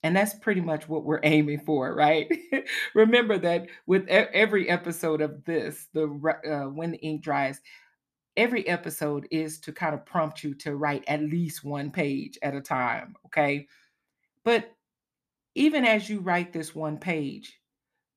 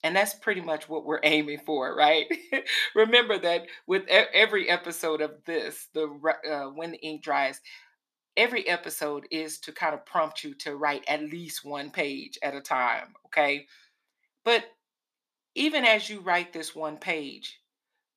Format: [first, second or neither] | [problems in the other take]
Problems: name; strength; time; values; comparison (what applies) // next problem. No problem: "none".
first | thin; somewhat; fading below 400 Hz